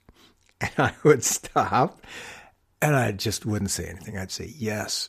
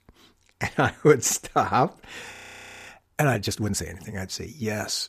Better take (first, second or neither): first